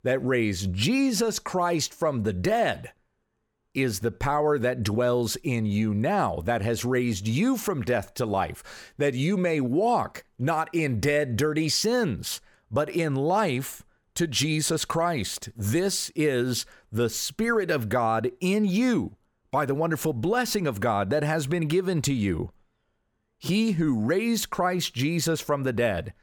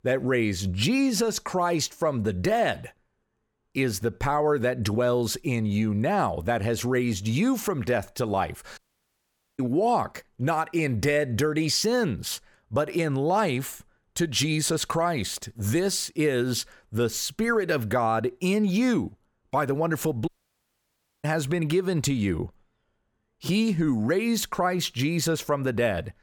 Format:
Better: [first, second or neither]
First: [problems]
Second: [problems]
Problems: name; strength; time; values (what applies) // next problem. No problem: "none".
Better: first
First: none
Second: audio cutting out; at 9 s for 1 s and at 20 s for 1 s